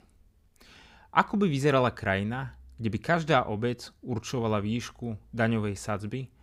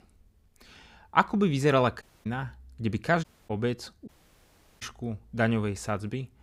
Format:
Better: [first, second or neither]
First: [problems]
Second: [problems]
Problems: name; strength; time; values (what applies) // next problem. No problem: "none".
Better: first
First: none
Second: audio cutting out; at 2 s, at 3 s and at 4 s for 0.5 s